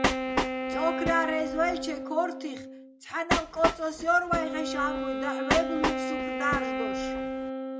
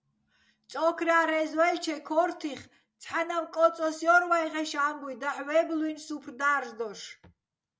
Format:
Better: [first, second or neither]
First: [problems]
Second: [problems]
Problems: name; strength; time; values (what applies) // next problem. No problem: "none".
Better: second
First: background sound (Train + Wind instrument, woodwind instrument); as loud as the speech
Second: none